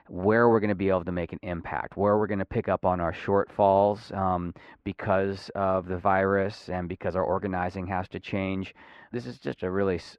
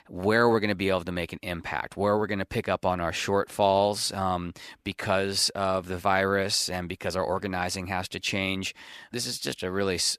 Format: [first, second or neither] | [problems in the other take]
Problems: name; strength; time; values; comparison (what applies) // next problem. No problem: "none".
second | muffled; very; fading above 4 kHz